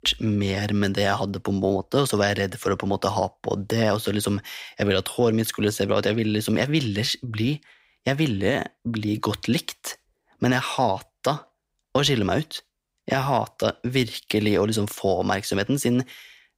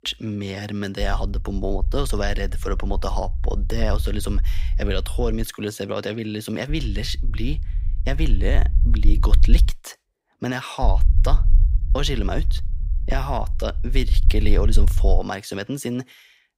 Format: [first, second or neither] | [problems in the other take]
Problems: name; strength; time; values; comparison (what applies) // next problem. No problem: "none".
first | low rumble; noticeable; from 1 to 5.5 s, from 6.5 to 9.5 s and from 11 to 15 s; 15 dB below the speech